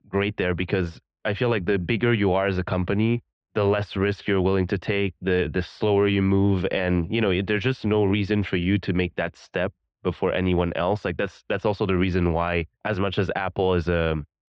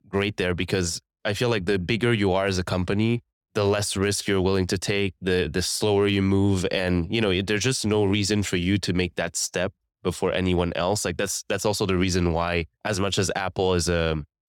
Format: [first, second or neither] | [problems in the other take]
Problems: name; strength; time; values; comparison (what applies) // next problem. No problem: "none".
second | muffled; very; fading above 3 kHz